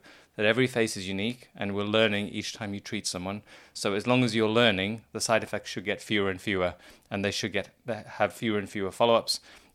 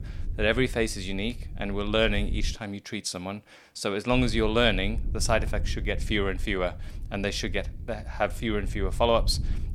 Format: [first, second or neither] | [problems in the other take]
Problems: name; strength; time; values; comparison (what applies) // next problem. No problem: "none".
first | low rumble; faint; until 2.5 s and from 4 s on; 25 dB below the speech